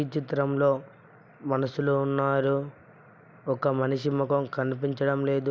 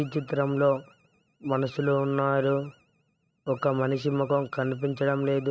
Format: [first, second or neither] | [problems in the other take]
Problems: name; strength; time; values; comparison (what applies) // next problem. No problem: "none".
first | noise reduction (neural mask model RNNoise)